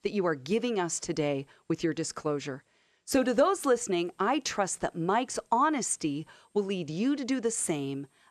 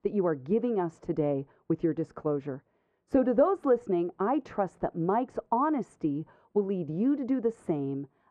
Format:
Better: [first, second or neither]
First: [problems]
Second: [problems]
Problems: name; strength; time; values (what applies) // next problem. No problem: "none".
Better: first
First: none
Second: muffled; very; fading above 2.5 kHz